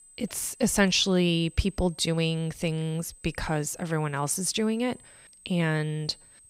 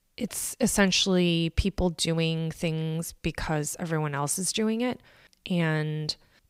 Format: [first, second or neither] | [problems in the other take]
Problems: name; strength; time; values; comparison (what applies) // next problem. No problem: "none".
second | high-pitched whine; faint; throughout; 8 kHz, 25 dB below the speech